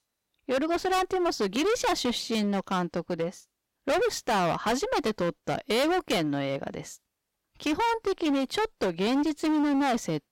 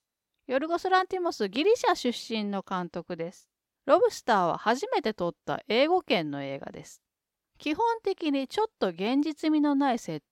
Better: second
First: distortion; heavy; 21% of the sound clipped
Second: none

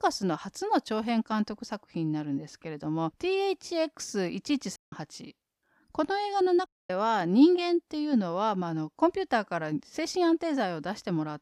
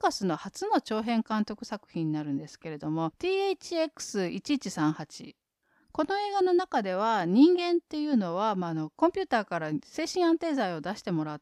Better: second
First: audio cutting out; at 5 s and at 6.5 s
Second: none

